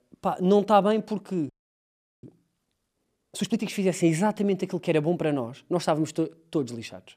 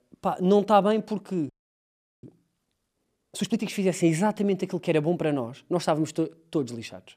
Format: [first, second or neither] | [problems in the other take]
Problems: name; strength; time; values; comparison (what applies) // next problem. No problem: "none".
neither | audio freezing; at 1.5 s for 0.5 s; the same in both